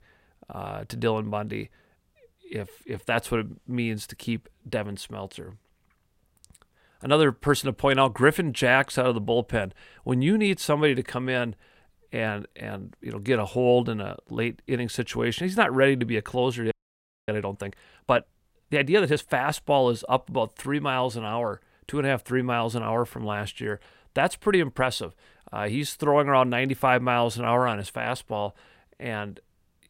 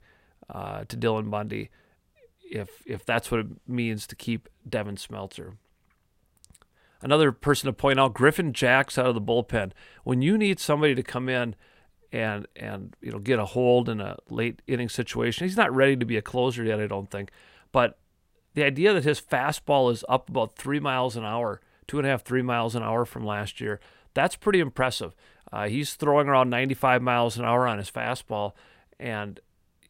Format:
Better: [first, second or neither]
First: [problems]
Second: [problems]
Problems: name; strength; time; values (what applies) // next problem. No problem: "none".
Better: second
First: audio freezing; at 17 s for 0.5 s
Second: none